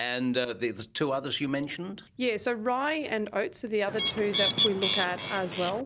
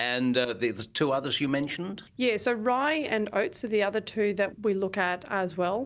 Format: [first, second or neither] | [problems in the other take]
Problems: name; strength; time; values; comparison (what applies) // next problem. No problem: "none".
second | background sound (Bird); as loud as the speech